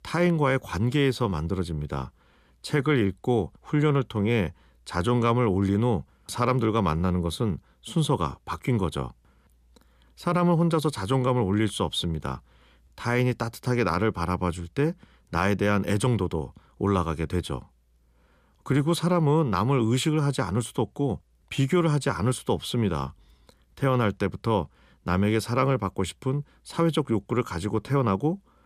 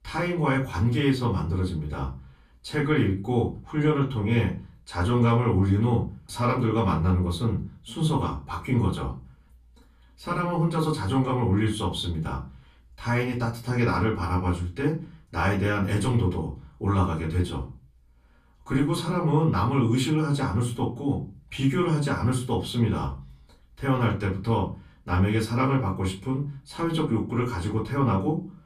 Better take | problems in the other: first | off-mic speech; far // room echo; very slight; dies away in 0.3 s

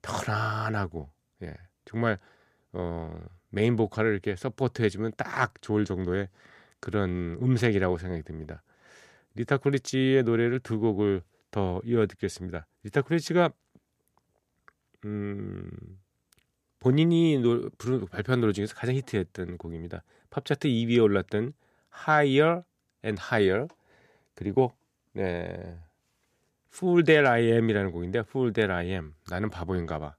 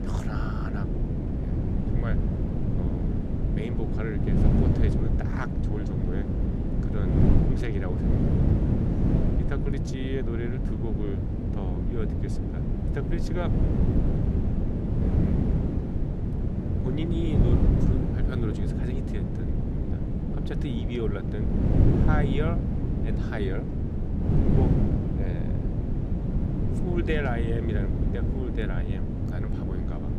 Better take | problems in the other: first | wind noise on the microphone; heavy; 2 dB above the speech

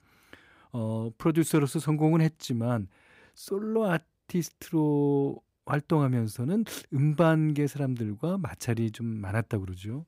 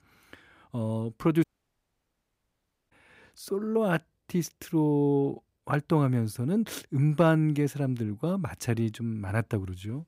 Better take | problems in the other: first | audio cutting out; at 1.5 s for 1.5 s

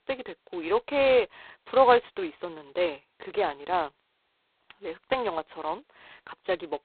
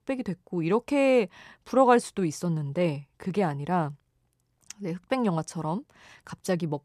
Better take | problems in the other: second | phone-call audio; poor line; nothing above 4 kHz

